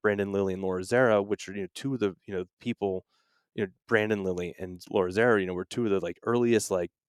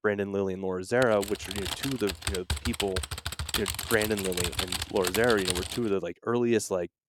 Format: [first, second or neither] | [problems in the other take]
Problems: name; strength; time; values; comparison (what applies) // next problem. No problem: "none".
first | keyboard typing; loud; from 1 to 6 s; peak level with the speech